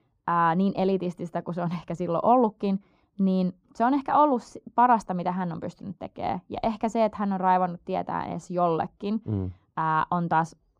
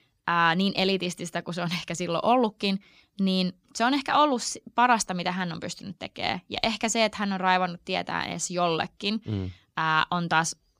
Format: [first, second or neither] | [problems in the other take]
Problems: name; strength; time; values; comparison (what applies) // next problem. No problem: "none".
second | muffled; very; fading above 1.5 kHz